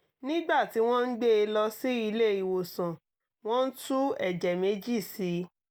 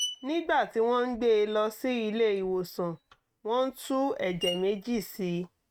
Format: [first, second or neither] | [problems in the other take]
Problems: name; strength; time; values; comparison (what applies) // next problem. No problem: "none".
first | noise reduction (neural mask model RNNoise)